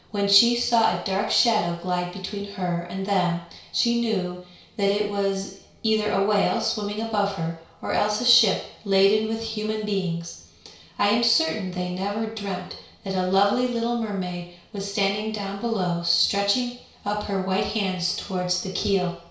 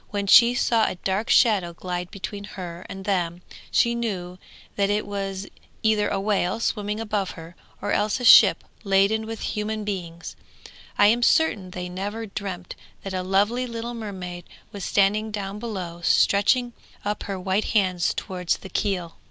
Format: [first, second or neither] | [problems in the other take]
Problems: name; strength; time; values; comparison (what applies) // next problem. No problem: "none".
second | room echo; dies away in 0.6 s